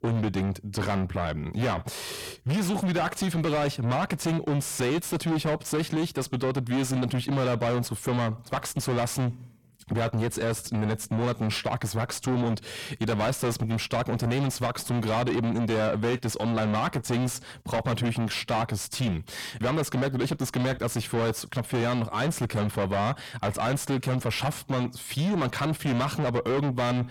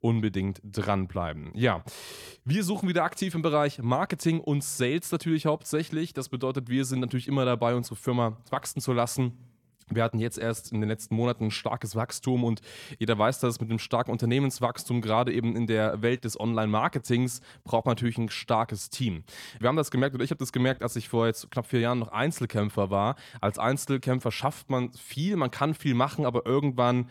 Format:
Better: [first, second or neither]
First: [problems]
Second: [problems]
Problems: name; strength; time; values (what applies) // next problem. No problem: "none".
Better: second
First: distortion; heavy; 6 dB below the speech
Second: none